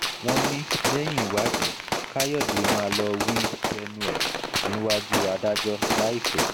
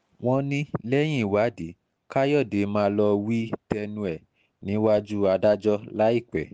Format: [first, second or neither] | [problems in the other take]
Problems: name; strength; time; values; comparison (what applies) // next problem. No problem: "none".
second | background sound (Gunshot, gunfire); 2 dB above the speech